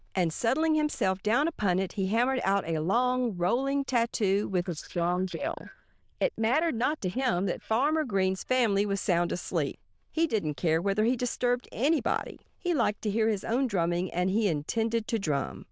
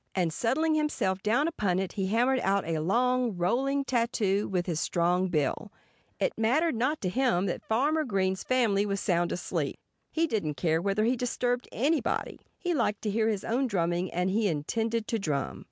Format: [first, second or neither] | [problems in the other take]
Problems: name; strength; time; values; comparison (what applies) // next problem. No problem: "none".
second | noise reduction (neural diffusion model UNIVERSE++)